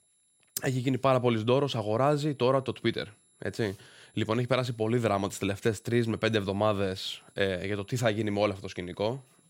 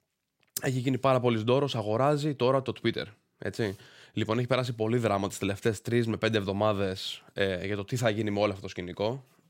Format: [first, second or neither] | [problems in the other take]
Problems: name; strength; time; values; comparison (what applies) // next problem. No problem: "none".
second | high-pitched whine; faint; throughout; 11 kHz, 35 dB below the speech